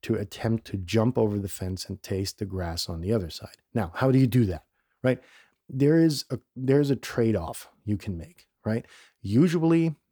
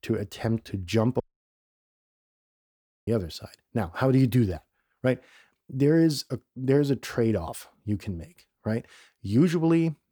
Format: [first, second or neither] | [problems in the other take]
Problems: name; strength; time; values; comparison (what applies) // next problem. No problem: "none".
first | audio cutting out; at 1 s for 2 s